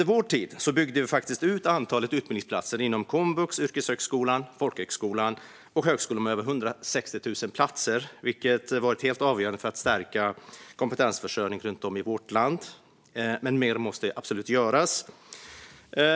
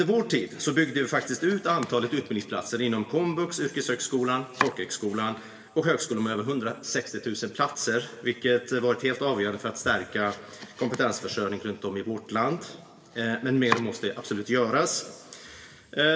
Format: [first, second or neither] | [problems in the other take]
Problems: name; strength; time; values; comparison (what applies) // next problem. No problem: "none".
first | background sound (Domestic sounds, home sounds); 15 dB below the speech // room echo; dies away in 1.5 s